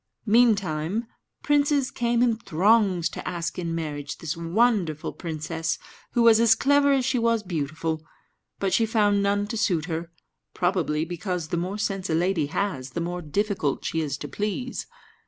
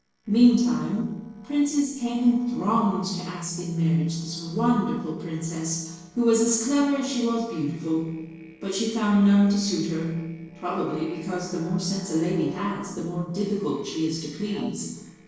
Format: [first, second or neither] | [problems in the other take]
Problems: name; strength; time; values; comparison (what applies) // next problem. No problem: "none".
first | noise reduction (neural separator model SepFormer DNS4)